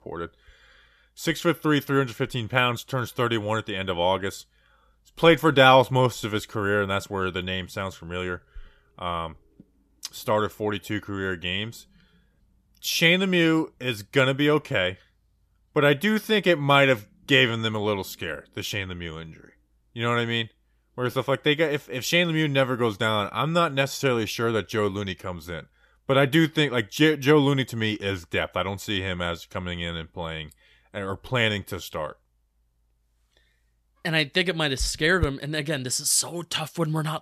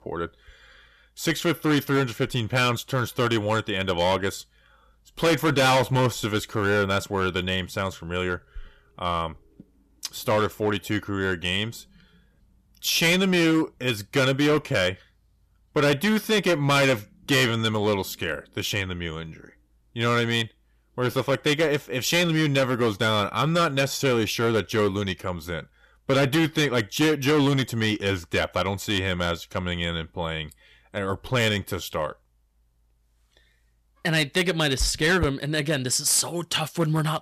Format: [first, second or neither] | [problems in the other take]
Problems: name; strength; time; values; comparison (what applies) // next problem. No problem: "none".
first | distortion; heavy; 7% of the sound clipped